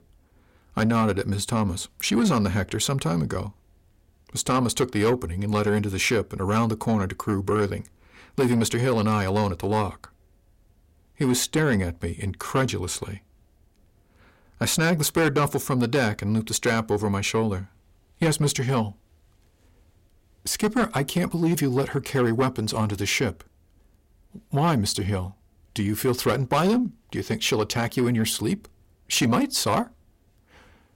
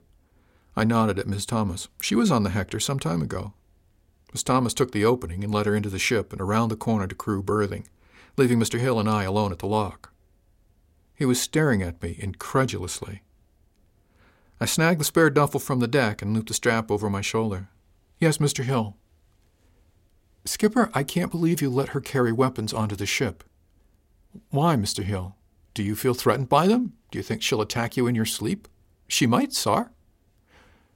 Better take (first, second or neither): second